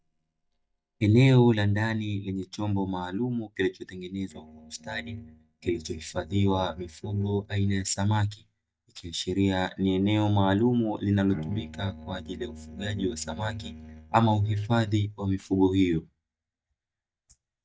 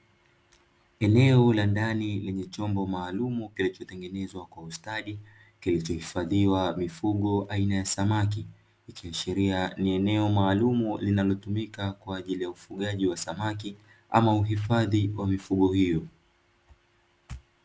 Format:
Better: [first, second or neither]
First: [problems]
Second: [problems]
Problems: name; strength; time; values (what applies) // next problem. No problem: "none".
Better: second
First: noise reduction (neural mask model DeepFilterNet 3)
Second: none